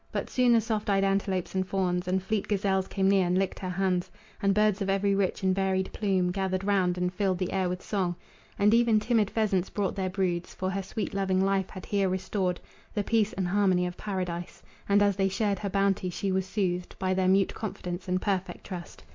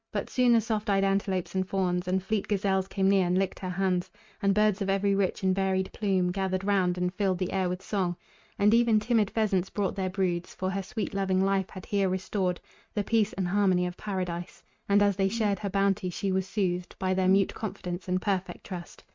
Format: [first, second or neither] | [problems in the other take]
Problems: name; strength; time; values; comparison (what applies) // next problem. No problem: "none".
first | noise reduction (neural mask model RNNoise)